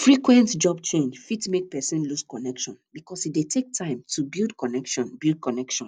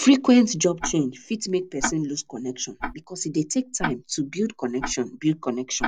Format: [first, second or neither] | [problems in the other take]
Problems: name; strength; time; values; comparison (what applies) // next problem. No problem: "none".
first | background sound (Tick-tock); 12 dB below the speech